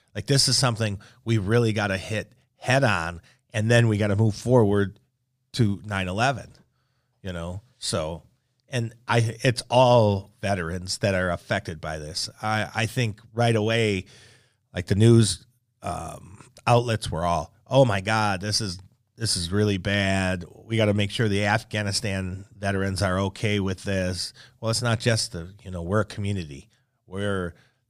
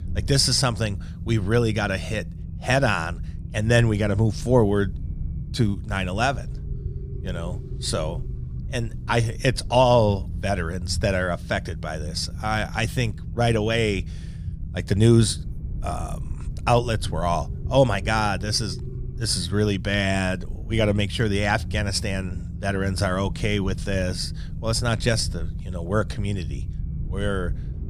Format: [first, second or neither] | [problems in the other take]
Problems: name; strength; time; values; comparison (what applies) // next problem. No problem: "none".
first | low rumble; faint; throughout; 20 dB below the speech